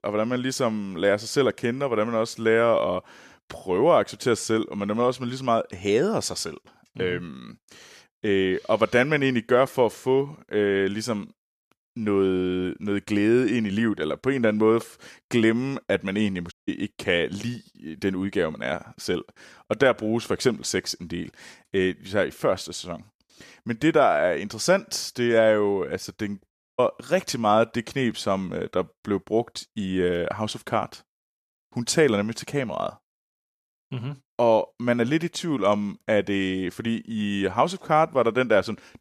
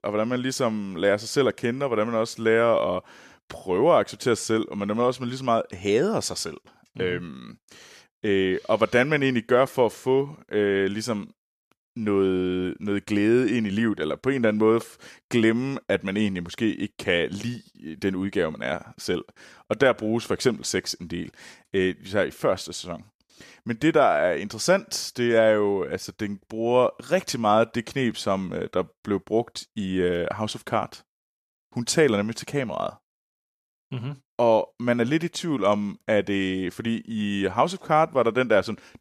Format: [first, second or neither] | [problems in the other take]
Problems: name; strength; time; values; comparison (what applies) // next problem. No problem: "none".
second | audio cutting out; at 17 s and at 27 s